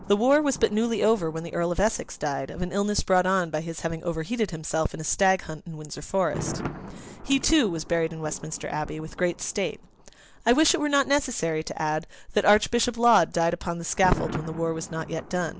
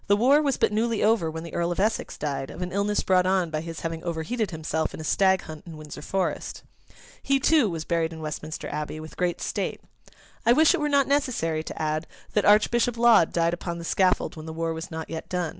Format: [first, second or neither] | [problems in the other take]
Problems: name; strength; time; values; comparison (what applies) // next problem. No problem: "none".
second | background sound (Thunder); 16 dB below the speech